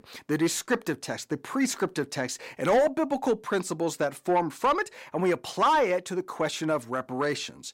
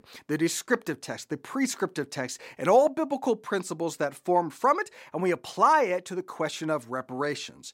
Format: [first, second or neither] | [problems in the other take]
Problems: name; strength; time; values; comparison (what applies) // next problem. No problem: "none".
second | distortion; slight; 10 dB below the speech